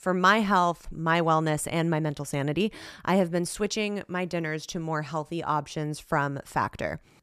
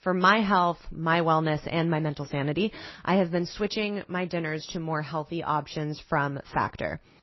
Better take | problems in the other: first | garbled, watery; slightly; nothing above 5.5 kHz

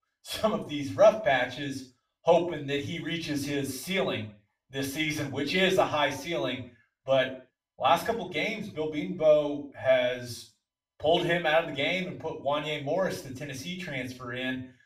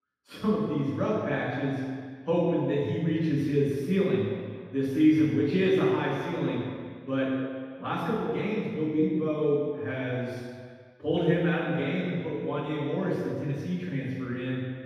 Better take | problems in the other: first | room echo; strong; dies away in 1.8 s; slight in the first // off-mic speech; far; far in the first

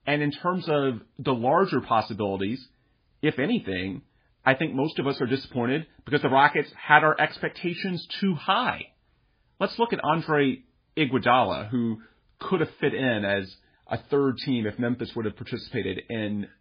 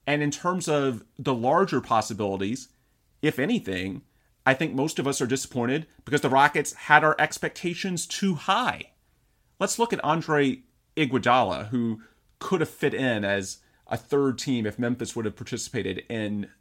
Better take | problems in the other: second | garbled, watery; badly

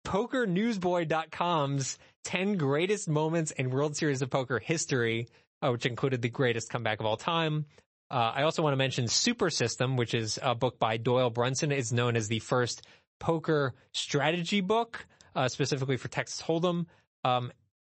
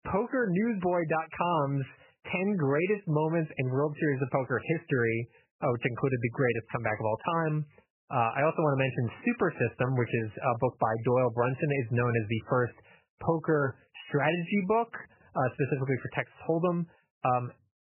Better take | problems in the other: first | garbled, watery; badly; nothing above 3 kHz; slightly in the first

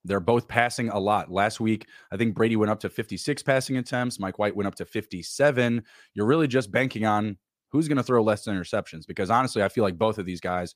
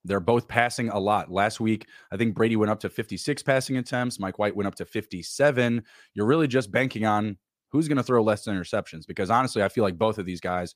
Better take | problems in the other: neither | none

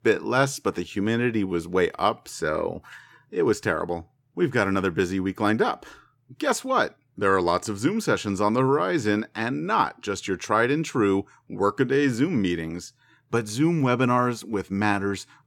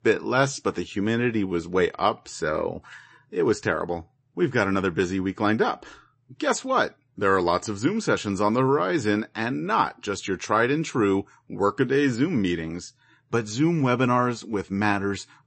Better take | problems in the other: first | garbled, watery; slightly; nothing above 8 kHz

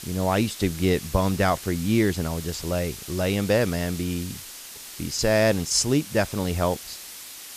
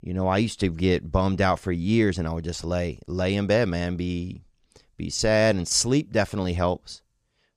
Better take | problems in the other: second | hiss; noticeable; throughout; 15 dB below the speech

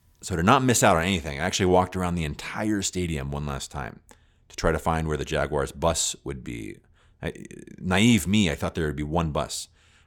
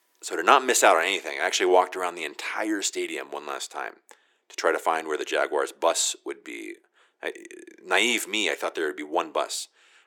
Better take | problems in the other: first | thin; very; fading below 350 Hz

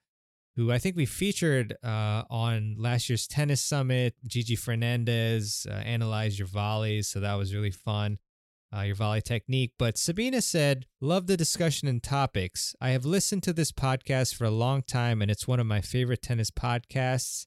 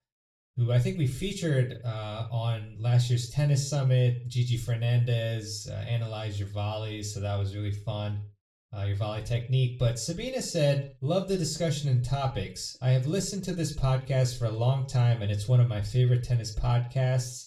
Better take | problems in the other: first | room echo; slight; dies away in 0.3 s // off-mic speech; far

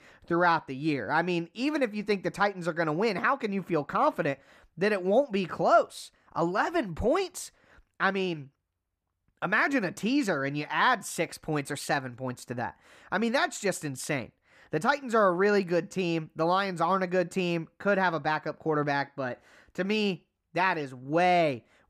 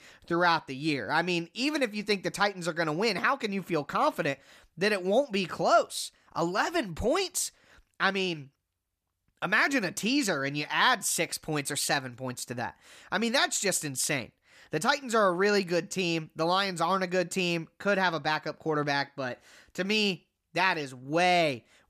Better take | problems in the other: second | muffled; slightly; fading above 2.5 kHz

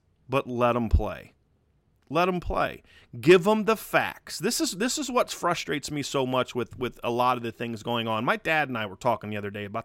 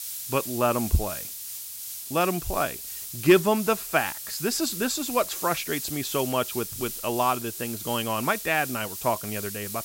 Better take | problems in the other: first | hiss; loud; throughout; 6 dB below the speech

